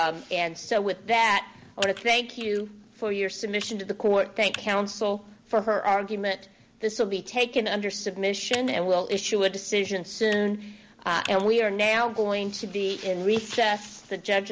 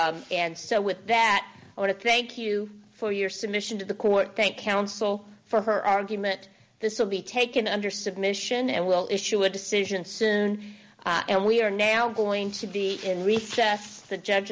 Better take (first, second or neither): second